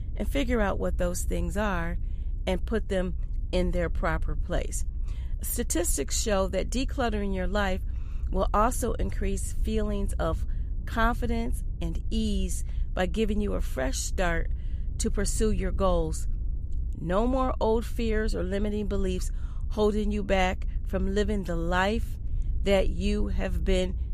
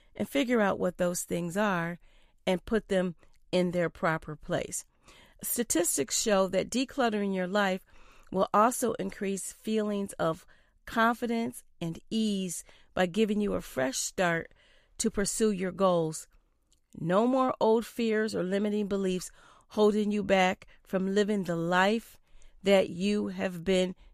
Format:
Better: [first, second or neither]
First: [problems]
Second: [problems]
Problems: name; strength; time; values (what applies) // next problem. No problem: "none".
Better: second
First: low rumble; faint; throughout; 25 dB below the speech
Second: none